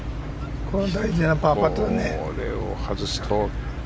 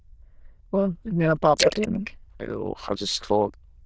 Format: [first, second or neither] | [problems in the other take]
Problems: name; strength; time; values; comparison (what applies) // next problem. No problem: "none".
first | noise reduction (neural diffusion model UNIVERSE++)